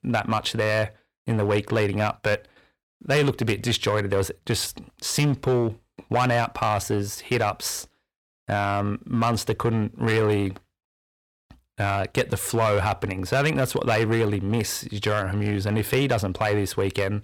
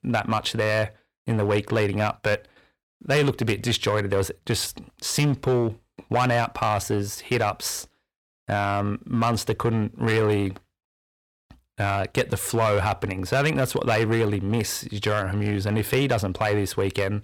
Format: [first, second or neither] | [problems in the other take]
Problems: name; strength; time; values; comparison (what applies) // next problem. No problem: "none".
neither | distortion; slight; 5% of the sound clipped; the same in both